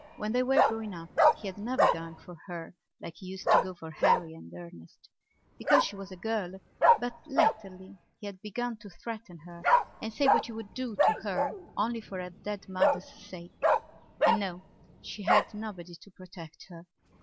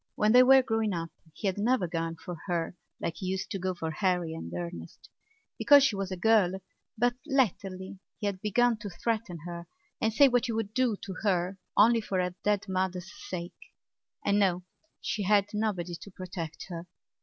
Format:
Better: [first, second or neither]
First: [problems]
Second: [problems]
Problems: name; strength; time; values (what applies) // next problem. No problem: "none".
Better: second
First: background sound (Bark); 5 dB above the speech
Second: none